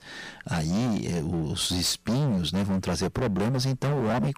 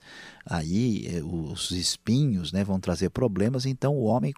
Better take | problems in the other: second | distortion; heavy; 27% of the sound clipped

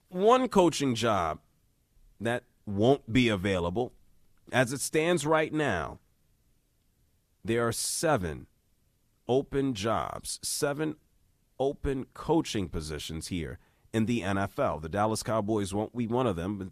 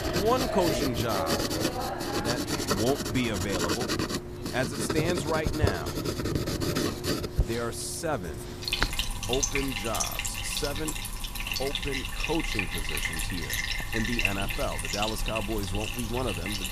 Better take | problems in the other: first | household noises; very loud; throughout; 2 dB above the speech

